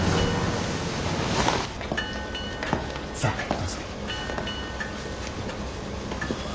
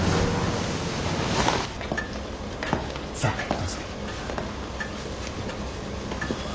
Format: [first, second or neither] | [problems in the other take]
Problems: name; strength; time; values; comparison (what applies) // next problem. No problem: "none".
second | background sound (Boat, Water vehicle); 13 dB below the speech